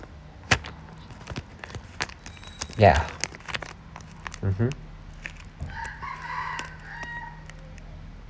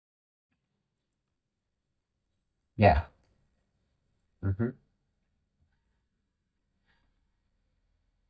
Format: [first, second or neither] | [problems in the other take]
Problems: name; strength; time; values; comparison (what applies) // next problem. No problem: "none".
first | noise reduction (neural mask model DeepFilterNet 3)